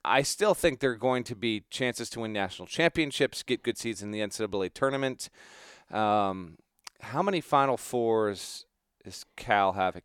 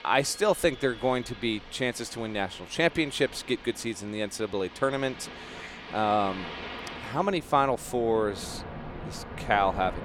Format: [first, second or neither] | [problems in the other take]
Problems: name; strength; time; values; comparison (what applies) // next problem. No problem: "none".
first | train or aircraft noise; noticeable; throughout; 15 dB below the speech